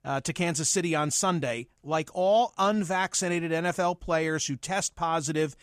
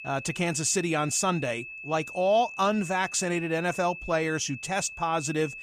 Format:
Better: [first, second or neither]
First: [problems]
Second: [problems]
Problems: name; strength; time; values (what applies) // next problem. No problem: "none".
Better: first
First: none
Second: high-pitched whine; noticeable; throughout; 2.5 kHz, 10 dB below the speech